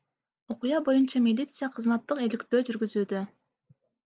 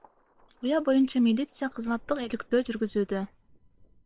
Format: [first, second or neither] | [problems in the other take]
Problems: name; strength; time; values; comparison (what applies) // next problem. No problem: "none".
first | noise reduction (neural separator model SepFormer WHAM!)